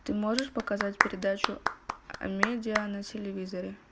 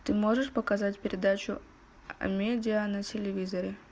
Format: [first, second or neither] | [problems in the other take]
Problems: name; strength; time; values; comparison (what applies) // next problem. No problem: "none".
second | background sound (Clapping); 1 dB below the speech